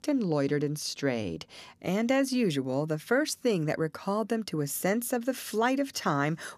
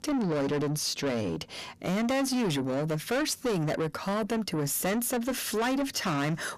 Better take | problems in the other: first | distortion; heavy; 7 dB below the speech

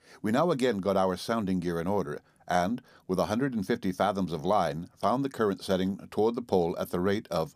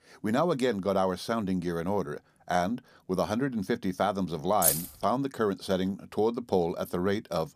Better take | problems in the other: first | jangling keys; loud; at 4.5 s; peak 4 dB above the speech

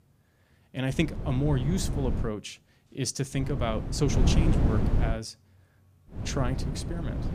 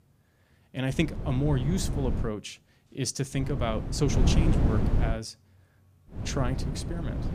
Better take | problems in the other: neither | wind noise on the microphone; heavy; from 1 to 2.5 s, from 3.5 to 5 s and from 6 s on; 5 dB below the speech; the same in both

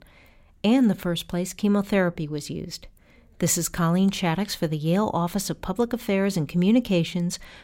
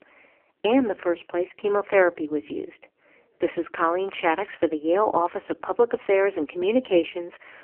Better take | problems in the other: first | phone-call audio; poor line; nothing above 3 kHz

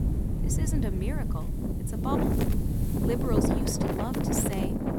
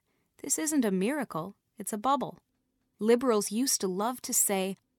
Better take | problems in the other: second | wind noise on the microphone; heavy; 2 dB above the speech

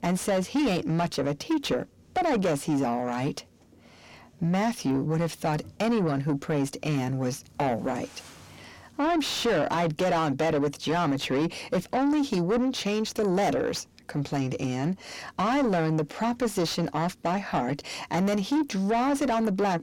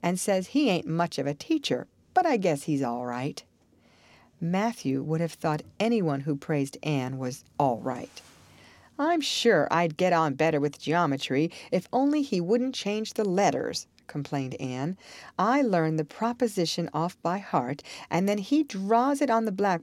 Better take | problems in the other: second | distortion; heavy; 7 dB below the speech

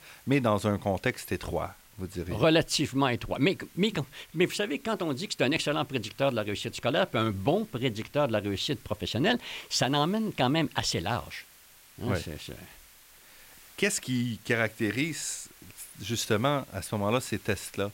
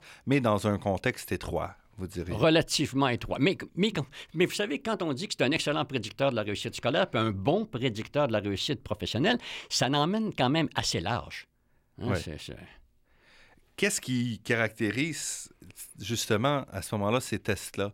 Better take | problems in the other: second | hiss; faint; throughout; 25 dB below the speech

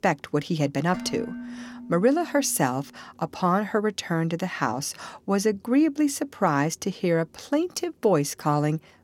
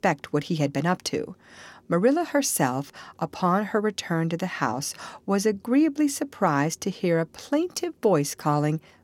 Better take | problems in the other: second | clattering dishes; noticeable; from 1 to 3 s; peak 10 dB below the speech

